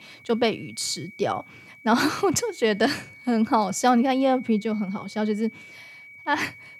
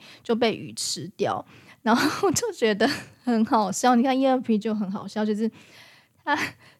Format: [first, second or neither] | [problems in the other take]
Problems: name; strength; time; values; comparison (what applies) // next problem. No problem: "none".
second | high-pitched whine; noticeable; throughout; 2 kHz, 20 dB below the speech